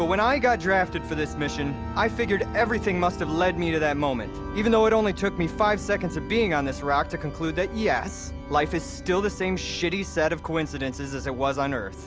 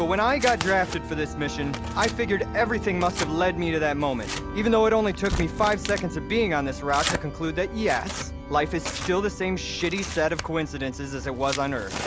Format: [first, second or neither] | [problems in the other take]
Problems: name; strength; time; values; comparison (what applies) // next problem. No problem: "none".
first | background sound (Tearing); 11 dB below the speech